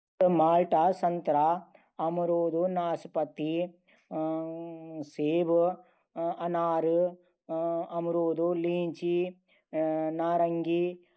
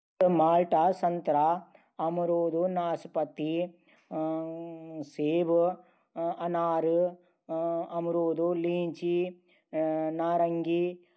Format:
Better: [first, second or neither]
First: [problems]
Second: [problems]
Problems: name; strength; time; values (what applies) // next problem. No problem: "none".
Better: second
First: noise reduction (neural mask model Resemble Enhance denoiser)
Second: none